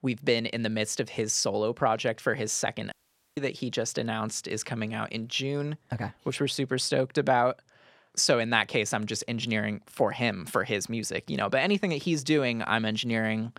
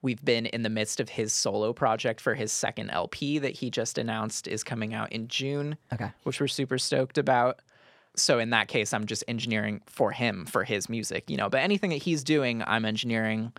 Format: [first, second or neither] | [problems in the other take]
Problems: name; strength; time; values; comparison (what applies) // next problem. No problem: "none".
second | audio cutting out; at 3 s